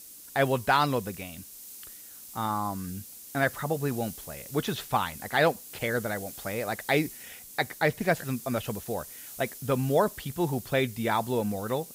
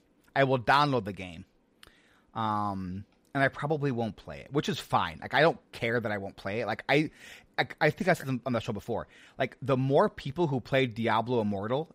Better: second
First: hiss; noticeable; throughout; 15 dB below the speech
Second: none

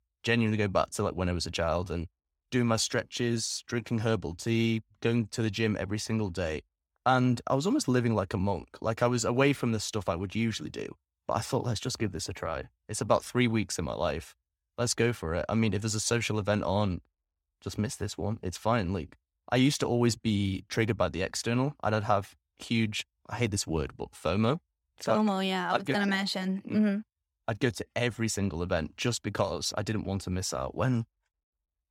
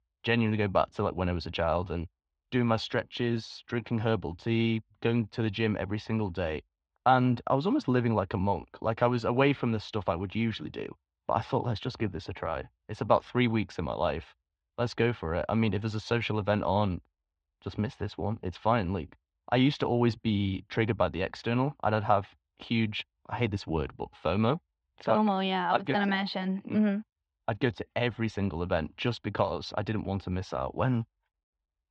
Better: first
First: none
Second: muffled; slightly; fading above 3.5 kHz

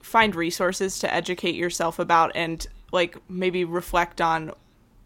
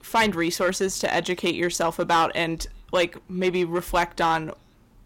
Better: first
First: none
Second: distortion; slight; 4% of the sound clipped

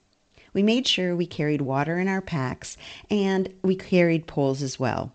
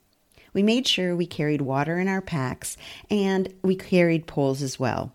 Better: second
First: garbled, watery; slightly; nothing above 8 kHz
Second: none

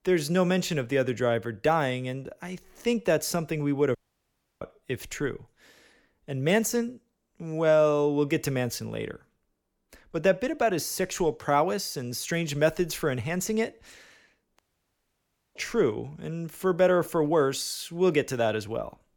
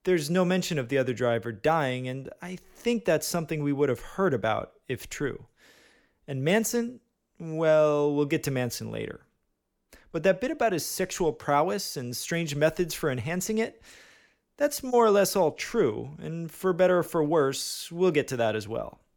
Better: second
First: audio cutting out; at 4 s for 0.5 s and at 15 s for 1 s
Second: none

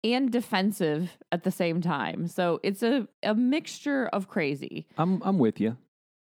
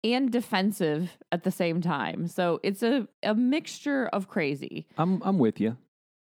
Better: neither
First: none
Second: none

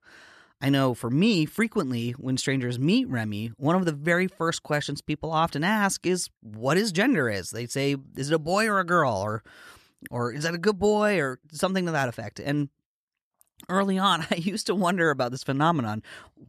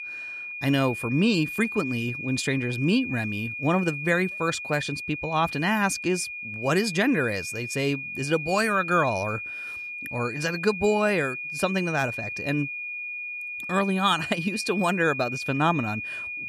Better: first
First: none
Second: high-pitched whine; loud; throughout; 2.5 kHz, 6 dB below the speech

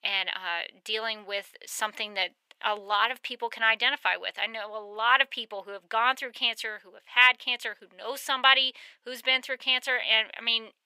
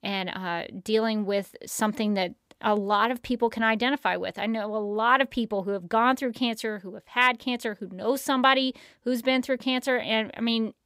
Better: second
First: thin; very; fading below 700 Hz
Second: none

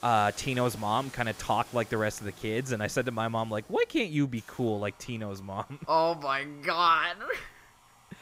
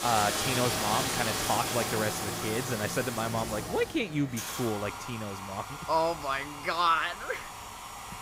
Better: first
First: household noises; faint; throughout; 20 dB below the speech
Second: household noises; loud; throughout; 2 dB below the speech

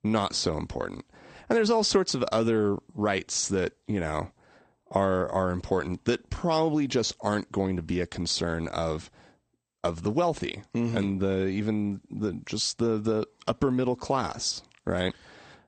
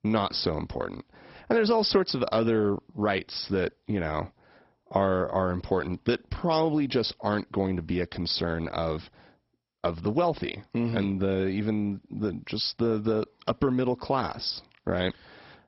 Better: first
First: garbled, watery; slightly; nothing above 8.5 kHz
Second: garbled, watery; badly; nothing above 5.5 kHz

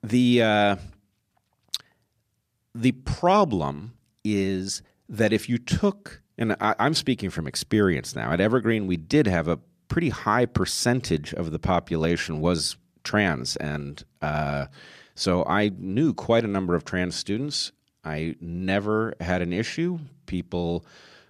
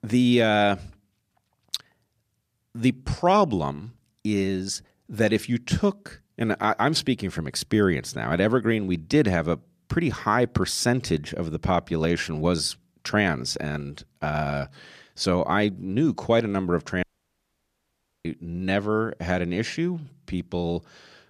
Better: first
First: none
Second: audio cutting out; at 17 s for 1 s

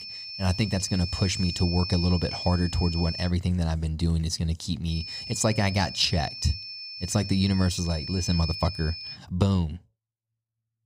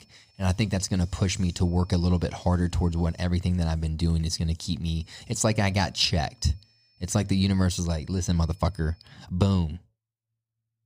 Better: second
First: high-pitched whine; loud; until 3.5 s and from 5 to 9 s; 5.5 kHz, 8 dB below the speech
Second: high-pitched whine; faint; until 3.5 s and from 5 to 9 s; 5.5 kHz, 35 dB below the speech

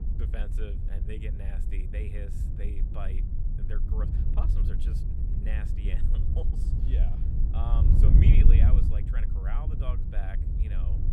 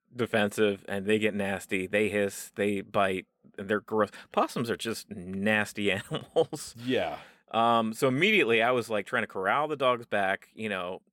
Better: second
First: wind noise on the microphone; heavy; as loud as the speech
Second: none

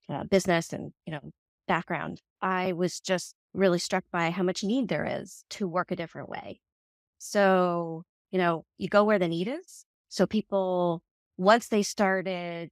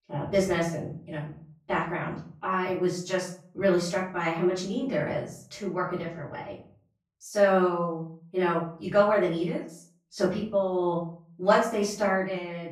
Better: first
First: none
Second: off-mic speech; far // room echo; noticeable; dies away in 0.4 s

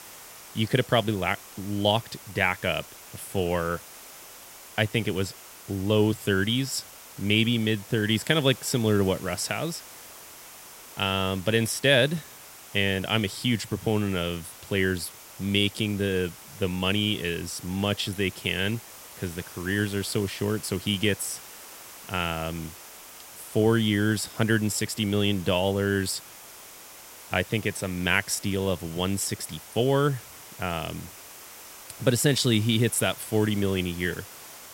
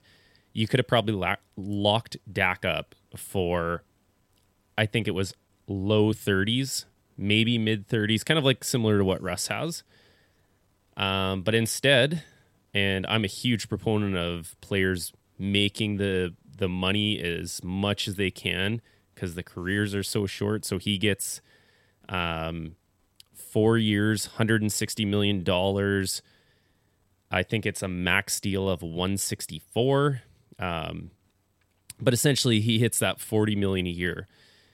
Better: second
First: hiss; noticeable; throughout; 15 dB below the speech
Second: none

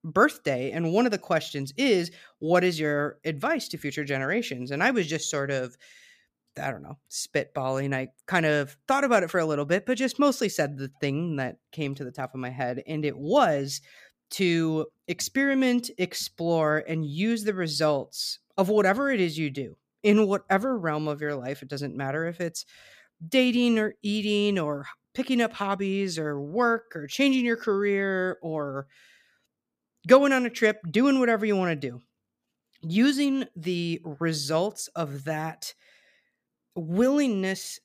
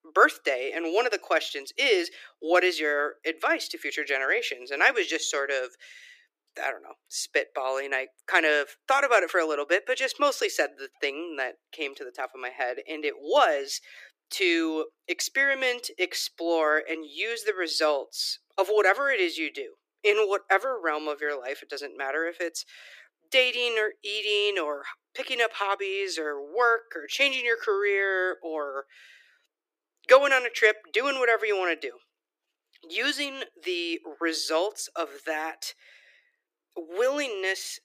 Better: first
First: none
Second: thin; very; fading below 300 Hz

